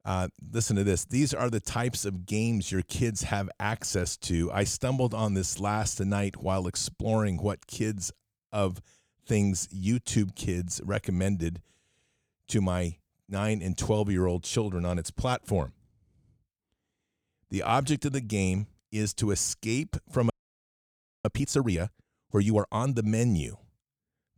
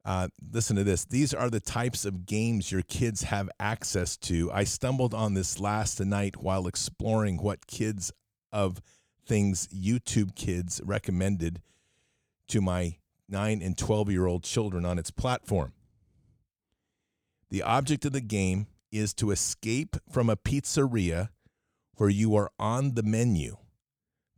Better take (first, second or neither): second